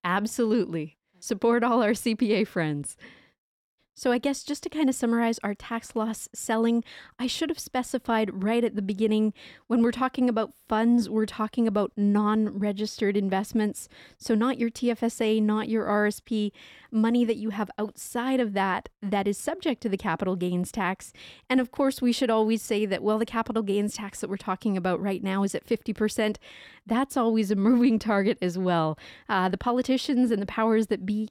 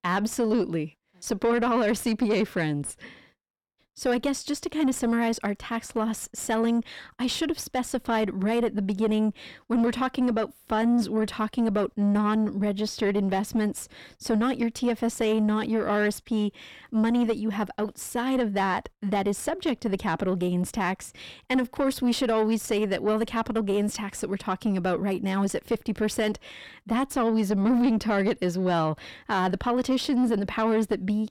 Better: first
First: none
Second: distortion; slight; 10 dB below the speech

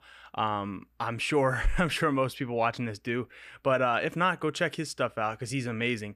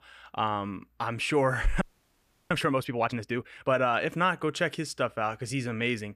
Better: first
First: none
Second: audio freezing; at 2 s for 0.5 s

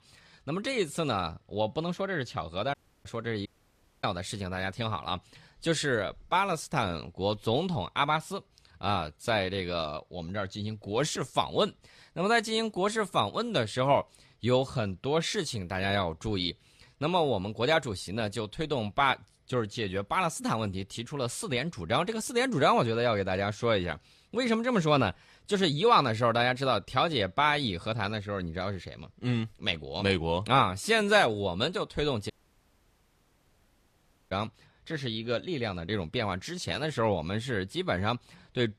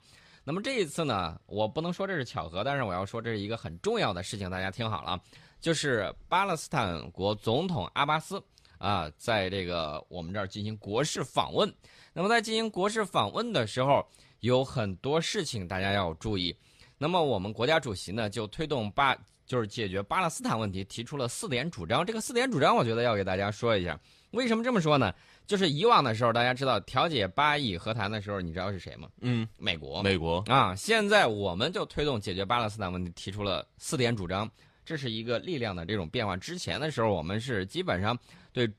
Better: second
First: audio cutting out; at 2.5 s, at 3.5 s for 0.5 s and at 32 s for 2 s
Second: none

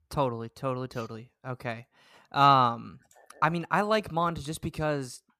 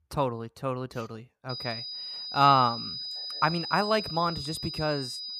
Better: first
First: none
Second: high-pitched whine; loud; from 1.5 s on; 5 kHz, 7 dB below the speech

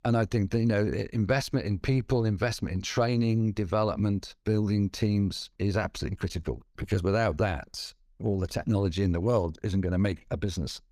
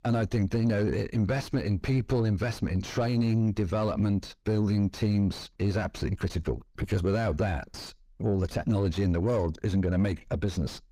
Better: first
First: none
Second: distortion; slight; 10 dB below the speech

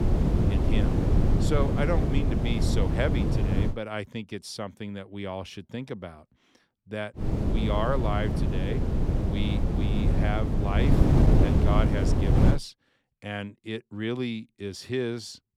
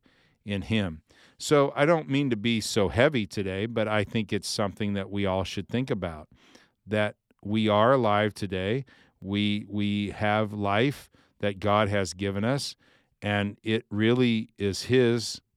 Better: second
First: wind noise on the microphone; heavy; until 3.5 s and from 7 to 13 s; 1 dB above the speech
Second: none

